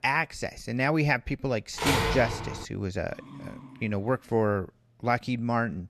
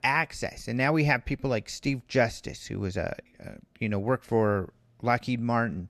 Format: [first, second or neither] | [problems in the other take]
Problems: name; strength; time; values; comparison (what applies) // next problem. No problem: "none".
second | phone ringing; loud; at 2 s; peak 3 dB above the speech // dog barking; faint; from 3 to 4.5 s; peak 15 dB below the speech